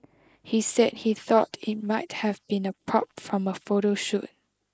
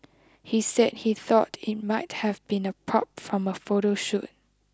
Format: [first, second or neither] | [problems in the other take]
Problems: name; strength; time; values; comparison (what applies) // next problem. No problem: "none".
second | noise reduction (neural mask model Resemble Enhance denoiser)